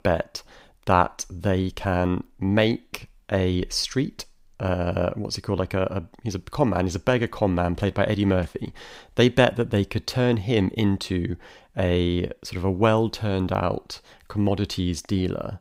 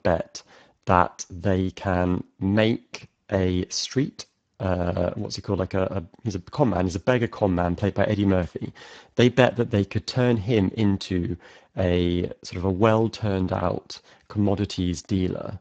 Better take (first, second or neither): first